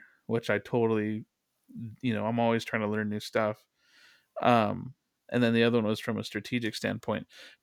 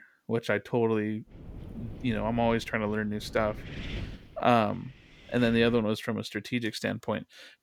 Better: first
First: none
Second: wind noise on the microphone; occasional gusts; from 1.5 to 6 s; 20 dB below the speech

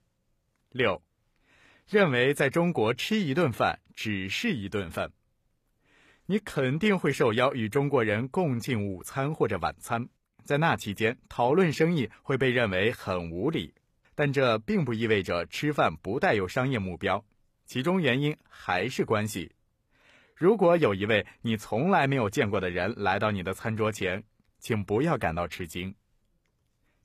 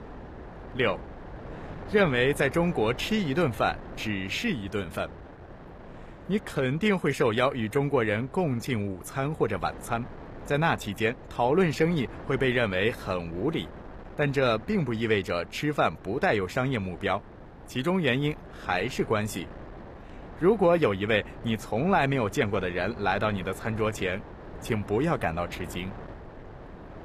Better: first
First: none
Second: wind noise on the microphone; occasional gusts; 20 dB below the speech

